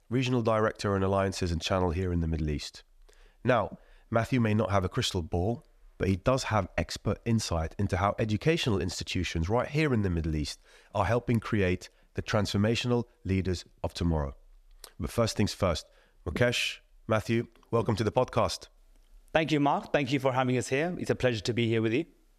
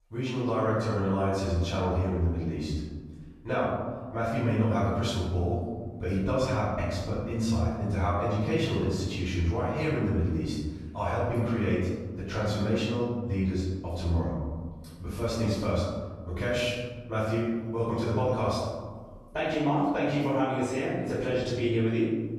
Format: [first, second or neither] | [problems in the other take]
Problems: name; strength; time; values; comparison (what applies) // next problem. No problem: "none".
first | off-mic speech; far // room echo; strong; dies away in 1.5 s